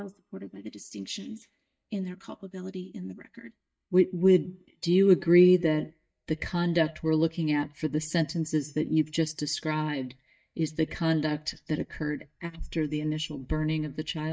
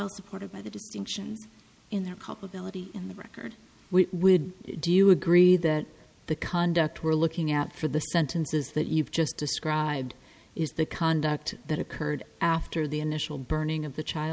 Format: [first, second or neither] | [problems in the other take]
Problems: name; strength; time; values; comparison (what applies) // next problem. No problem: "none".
second | noise reduction (neural mask model DeepFilterNet 3)